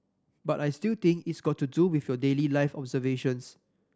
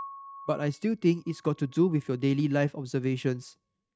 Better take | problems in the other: first | noise reduction (neural mask model RNNoise)

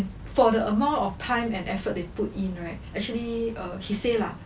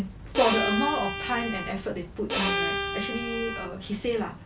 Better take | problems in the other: first | background sound (Bowed string instrument); 2 dB below the speech

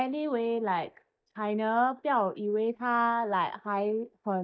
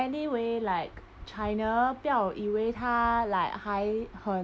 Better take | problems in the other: second | noise reduction (neural mask model DeepFilterNet 3)

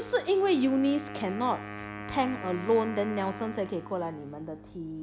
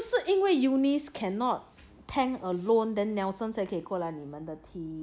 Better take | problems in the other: second | background sound (Wind instrument, woodwind instrument); 12 dB below the speech

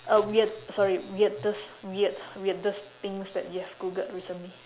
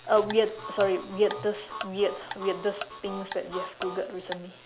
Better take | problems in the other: first | background sound (Tick-tock + Harmonica); 12 dB below the speech

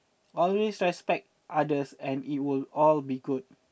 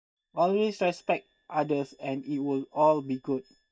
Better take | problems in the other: first | noise reduction (neural mask model DeepFilterNet 3)

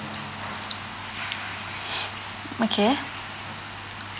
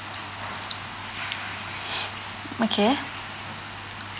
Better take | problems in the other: second | background sound (Drum); 19 dB below the speech

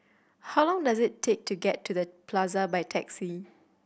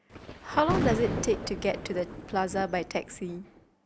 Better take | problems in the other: first | background sound (Thunder); 5 dB below the speech

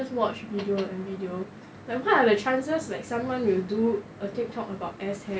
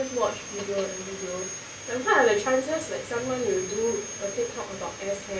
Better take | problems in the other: first | background sound (Sawing); 11 dB below the speech // room echo; dies away in 0.6 s

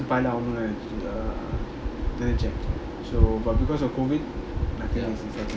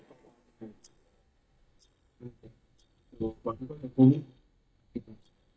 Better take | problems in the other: first | noise reduction (neural mask model DeepFilterNet 3)

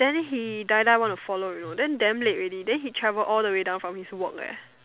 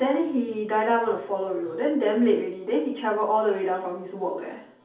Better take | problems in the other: first | room echo; dies away in 0.6 s

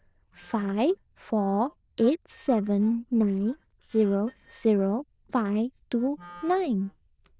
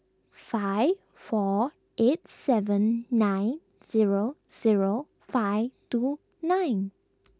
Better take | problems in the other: second | noise reduction (neural diffusion model UNIVERSE++)

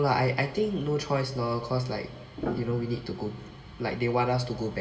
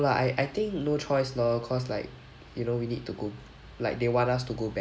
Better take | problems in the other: second | background sound (Piano); 12 dB below the speech // room echo; dies away in 1.5 s

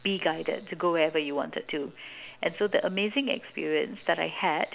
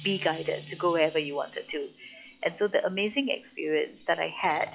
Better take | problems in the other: first | noise reduction (classical method log-MMSE)

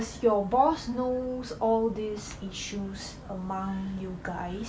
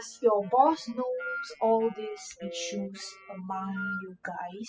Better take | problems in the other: first | noise reduction (classical method spectral subtraction)

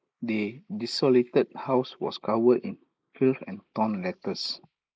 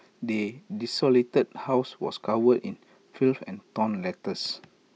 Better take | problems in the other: second | noise reduction (neural mask model Resemble Enhance denoiser)

